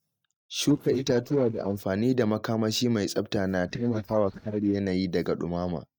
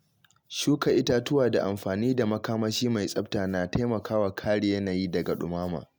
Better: second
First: noise reduction (neural mask model DeepFilterNet 3)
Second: none

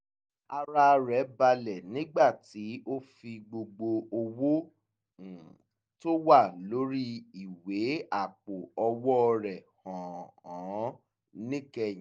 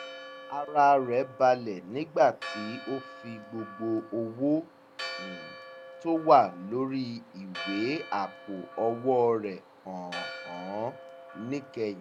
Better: first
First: none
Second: background sound (Church bell); 15 dB below the speech

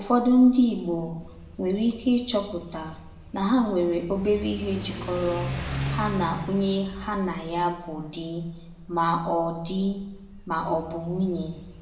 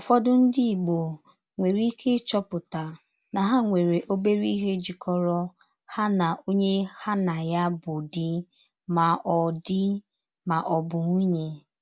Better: second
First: background sound (Accelerating, revving, vroom / Car); 12 dB below the speech // room echo; dies away in 0.9 s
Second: none

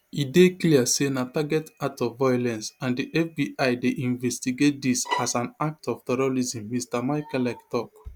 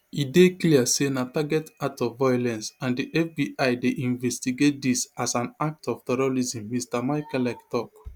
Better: second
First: background sound (Bowed string instrument); 6 dB below the speech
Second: none

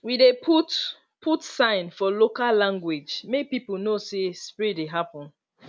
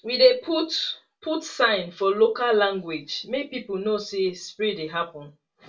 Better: first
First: none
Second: room echo; dies away in 0.2 s

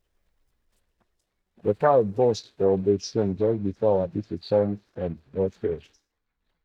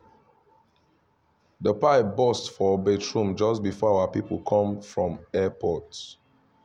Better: second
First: noise reduction (neural mask model DeepFilterNet 3)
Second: none

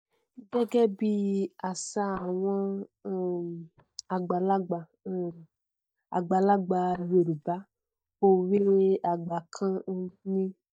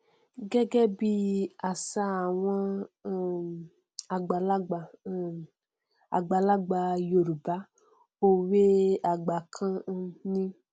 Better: second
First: noise reduction (neural mask model DeepFilterNet 3)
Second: none

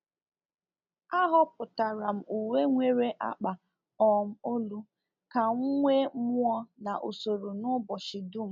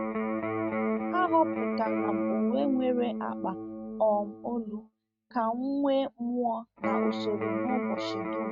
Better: first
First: none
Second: noise reduction (neural mask model RNNoise)

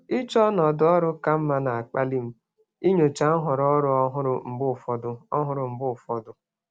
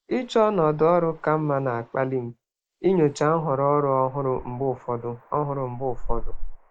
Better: first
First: none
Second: noise reduction (neural mask model Resemble Enhance denoiser)

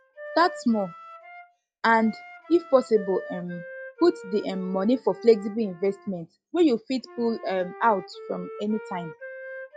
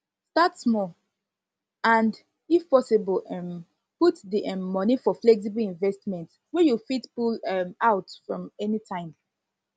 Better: second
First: noise reduction (classical method log-MMSE)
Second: none

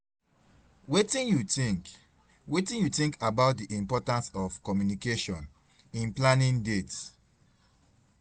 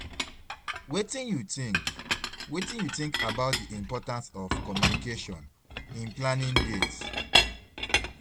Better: first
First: none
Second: background sound (Chink, clink); 3 dB above the speech

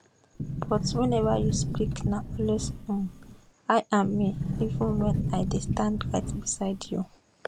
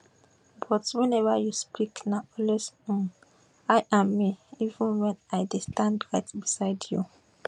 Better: second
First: background sound (Sliding door); 2 dB below the speech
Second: none

